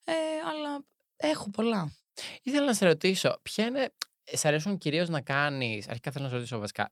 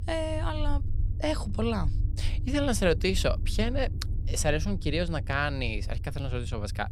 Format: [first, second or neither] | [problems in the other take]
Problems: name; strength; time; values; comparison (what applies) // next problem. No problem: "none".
first | low rumble; noticeable; throughout; 20 dB below the speech